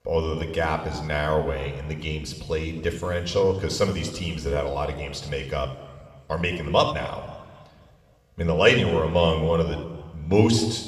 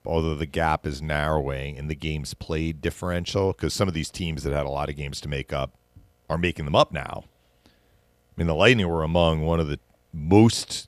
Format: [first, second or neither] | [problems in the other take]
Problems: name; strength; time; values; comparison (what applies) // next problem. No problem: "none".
second | room echo; slight; dies away in 1.6 s